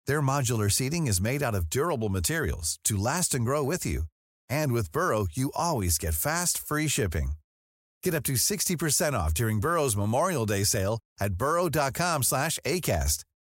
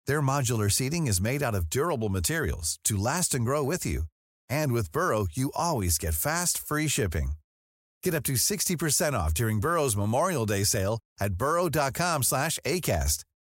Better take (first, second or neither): neither